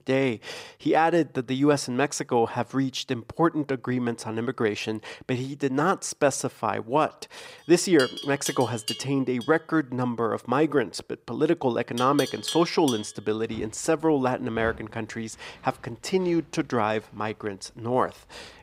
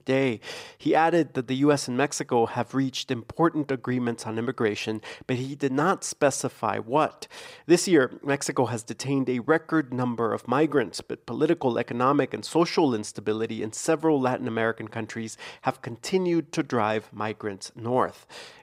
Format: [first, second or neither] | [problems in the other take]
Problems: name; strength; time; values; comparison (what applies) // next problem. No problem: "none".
second | animal sounds; noticeable; from 8 s on; 10 dB below the speech